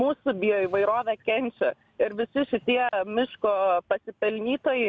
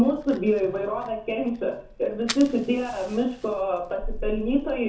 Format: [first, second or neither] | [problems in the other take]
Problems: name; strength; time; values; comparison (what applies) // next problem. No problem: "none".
first | background sound (Fire); 12 dB below the speech // room echo; dies away in 0.7 s